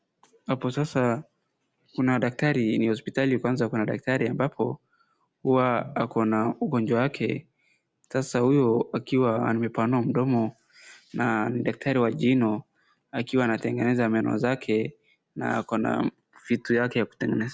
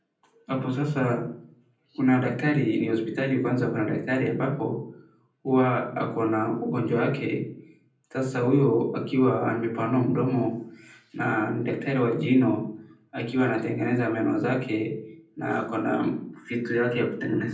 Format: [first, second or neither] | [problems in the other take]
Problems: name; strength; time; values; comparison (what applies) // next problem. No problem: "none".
first | room echo; dies away in 0.6 s